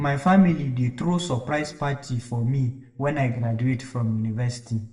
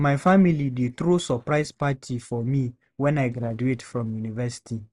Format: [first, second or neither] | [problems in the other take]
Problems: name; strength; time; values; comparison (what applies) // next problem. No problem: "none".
second | room echo; dies away in 0.6 s